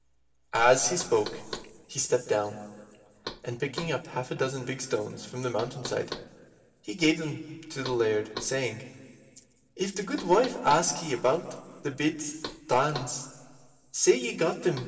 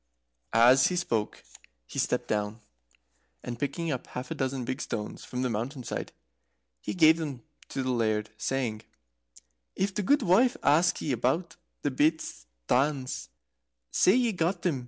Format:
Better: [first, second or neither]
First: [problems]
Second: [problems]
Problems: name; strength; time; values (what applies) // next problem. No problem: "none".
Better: second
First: background sound (Knock); 17 dB below the speech // room echo; dies away in 1.9 s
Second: none